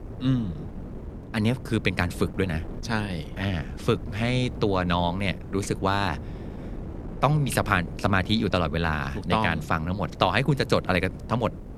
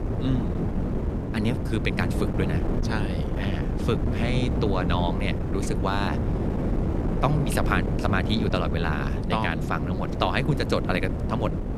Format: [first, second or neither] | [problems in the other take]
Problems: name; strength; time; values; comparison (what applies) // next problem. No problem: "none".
first | wind noise on the microphone; heavy; 5 dB below the speech; occasional gusts in the first